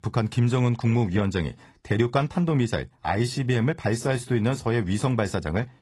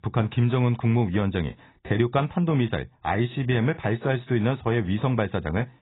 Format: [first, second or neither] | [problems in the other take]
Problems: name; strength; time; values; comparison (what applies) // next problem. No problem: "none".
first | garbled, watery; badly; nothing above 4 kHz; slightly in the first